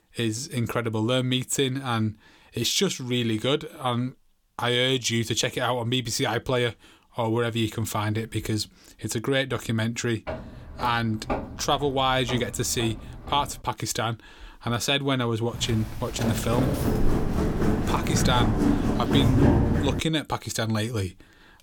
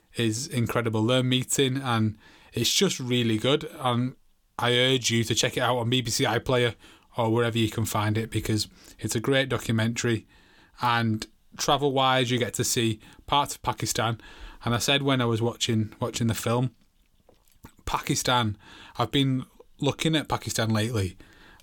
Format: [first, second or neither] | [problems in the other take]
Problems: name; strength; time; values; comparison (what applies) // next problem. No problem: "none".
second | footsteps; noticeable; from 10 to 14 s; peak 5 dB below the speech // footsteps; loud; from 16 to 20 s; peak 6 dB above the speech